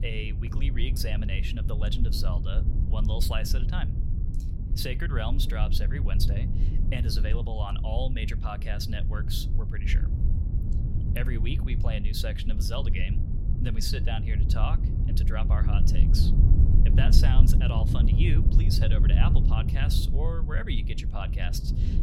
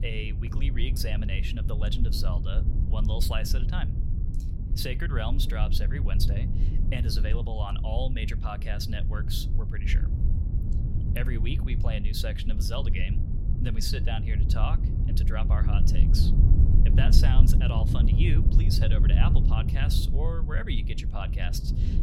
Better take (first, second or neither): neither